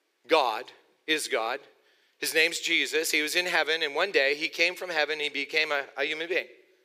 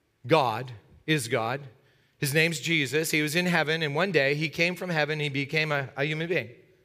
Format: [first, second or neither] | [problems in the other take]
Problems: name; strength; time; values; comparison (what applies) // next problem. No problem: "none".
second | thin; very; fading below 350 Hz